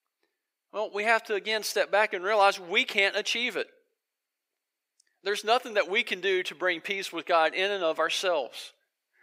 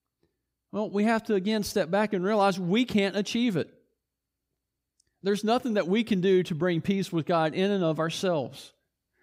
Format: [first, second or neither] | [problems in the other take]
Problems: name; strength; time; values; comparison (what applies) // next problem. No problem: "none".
second | thin; very; fading below 500 Hz